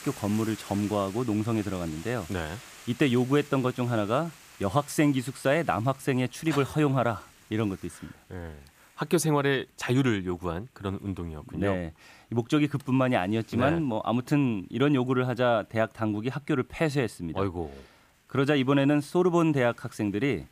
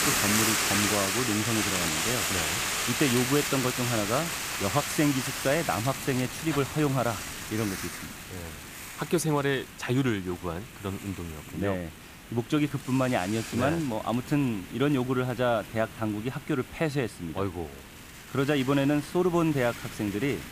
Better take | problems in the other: first | hiss; loud; throughout; 1 dB below the speech; faint in the first

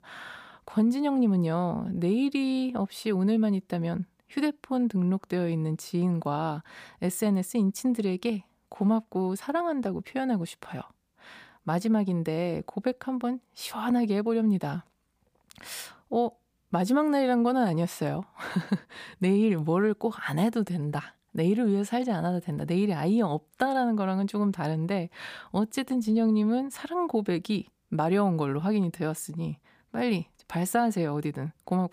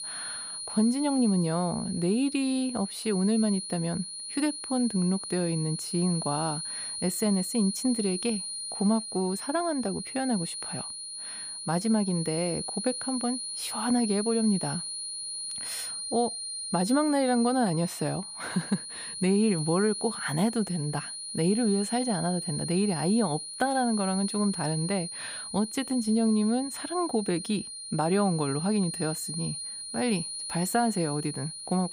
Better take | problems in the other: first | high-pitched whine; loud; throughout; 4 kHz, 6 dB below the speech

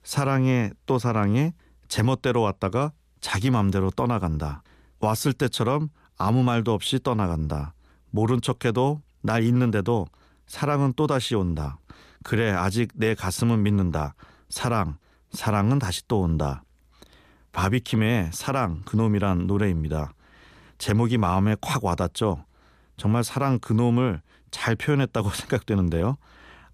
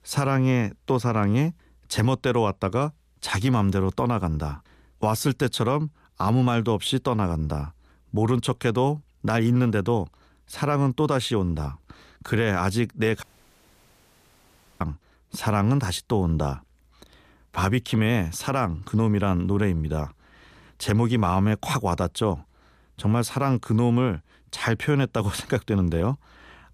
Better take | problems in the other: first | audio cutting out; at 13 s for 1.5 s

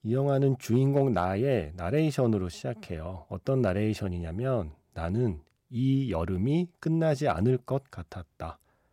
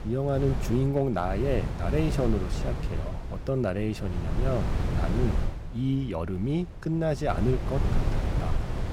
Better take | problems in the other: first | wind noise on the microphone; heavy; 7 dB below the speech

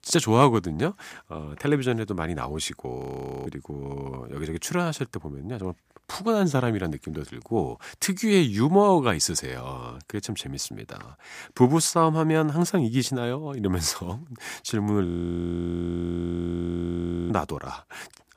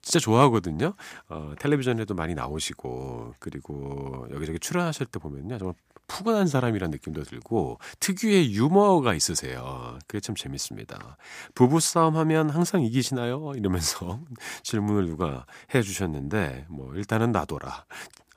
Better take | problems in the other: second | audio freezing; at 3 s and at 15 s for 2 s

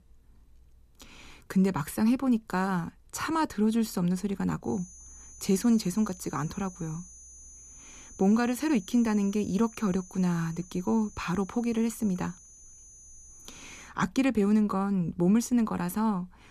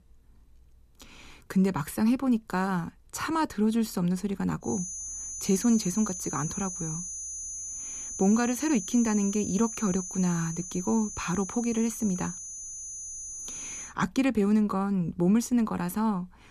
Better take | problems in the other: first | high-pitched whine; loud; from 4.5 to 14 s; 6 kHz, 7 dB below the speech; faint in the first

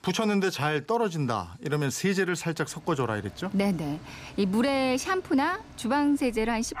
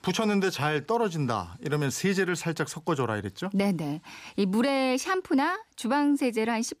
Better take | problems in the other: second | animal sounds; faint; from 2.5 s on; 20 dB below the speech

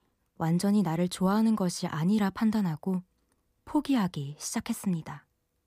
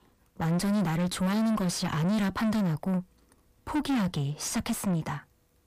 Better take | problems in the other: first | distortion; heavy; 5 dB below the speech

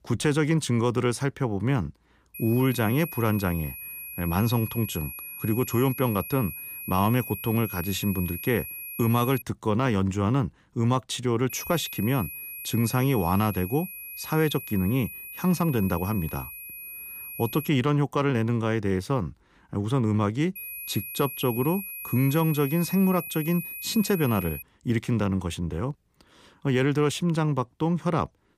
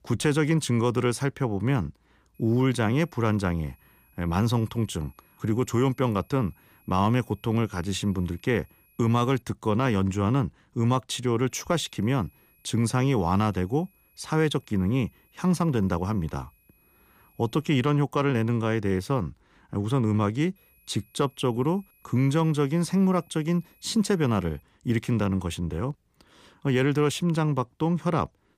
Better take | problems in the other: second | high-pitched whine; loud; from 2.5 to 9.5 s, from 12 to 18 s and from 21 to 25 s; 11.5 kHz, 9 dB below the speech; faint in the second

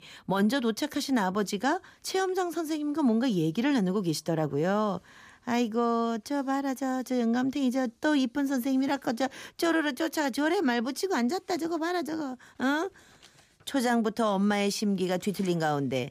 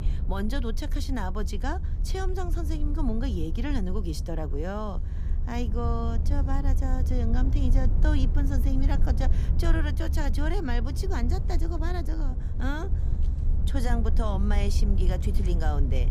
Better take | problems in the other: first | low rumble; loud; throughout; 10 dB below the speech

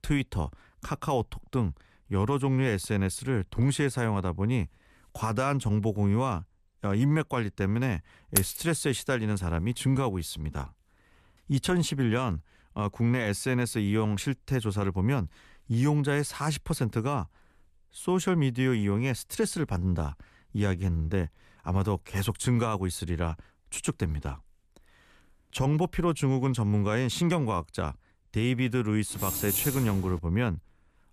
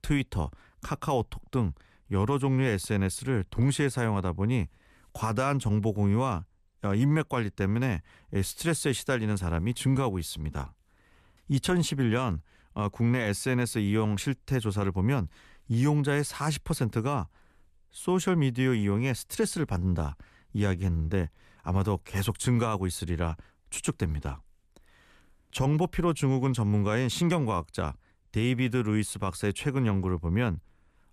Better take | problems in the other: second | jangling keys; loud; at 8.5 s and from 29 to 30 s; peak 1 dB above the speech

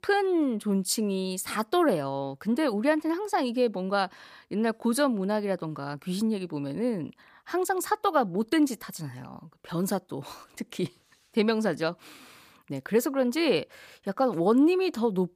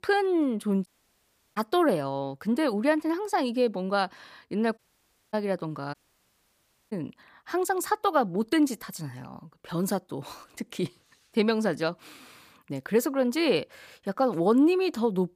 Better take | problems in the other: first | audio cutting out; at 1 s for 0.5 s, at 5 s for 0.5 s and at 6 s for 1 s

